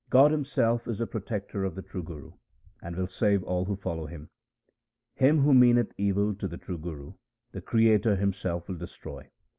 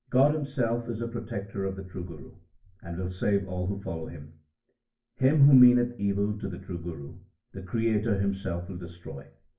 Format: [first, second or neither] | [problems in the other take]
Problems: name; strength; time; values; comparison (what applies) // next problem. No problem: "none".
first | room echo; dies away in 0.3 s